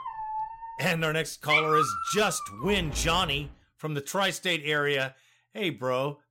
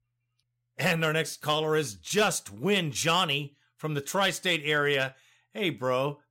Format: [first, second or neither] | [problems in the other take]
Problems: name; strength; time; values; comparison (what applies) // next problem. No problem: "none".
second | animal sounds; loud; until 3.5 s; 2 dB below the speech